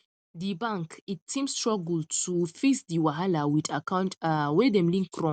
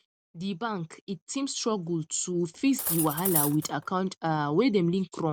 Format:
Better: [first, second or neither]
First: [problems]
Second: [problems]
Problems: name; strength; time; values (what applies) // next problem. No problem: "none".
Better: first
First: none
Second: background sound (Cutlery, silverware); 4 dB below the speech